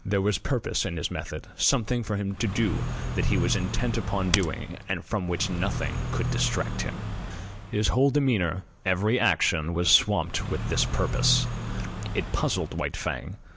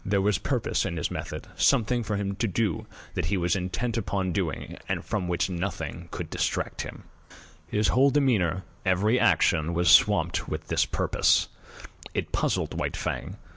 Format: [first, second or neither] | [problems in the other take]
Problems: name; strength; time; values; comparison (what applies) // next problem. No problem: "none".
second | background sound (Typing + Car); 3 dB below the speech